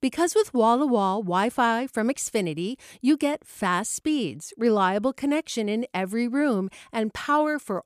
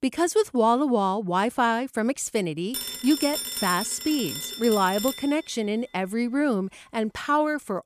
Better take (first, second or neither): first